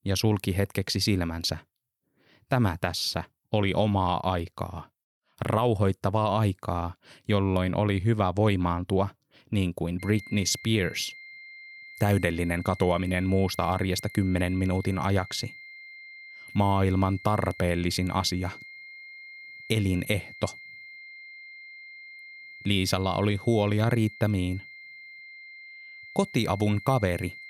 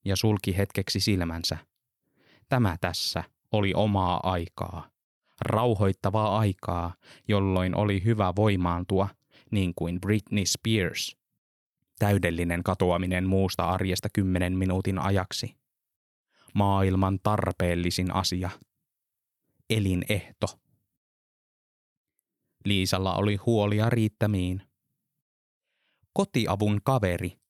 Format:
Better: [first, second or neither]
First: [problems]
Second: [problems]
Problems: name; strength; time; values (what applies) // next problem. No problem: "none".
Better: second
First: high-pitched whine; noticeable; from 10 s on; 2 kHz, 15 dB below the speech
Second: none